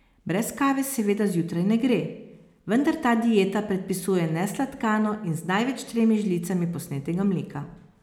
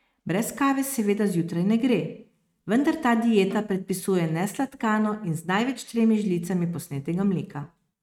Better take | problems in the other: first | noise reduction (neural mask model RNNoise)

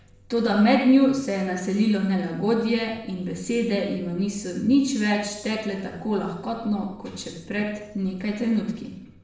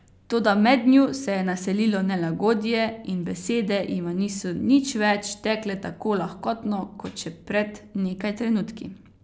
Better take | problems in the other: second | room echo; dies away in 0.7 s

